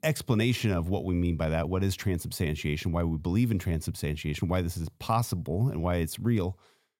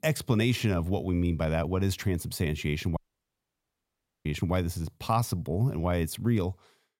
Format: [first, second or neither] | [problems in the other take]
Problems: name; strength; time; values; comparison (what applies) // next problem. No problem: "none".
first | audio cutting out; at 3 s for 1.5 s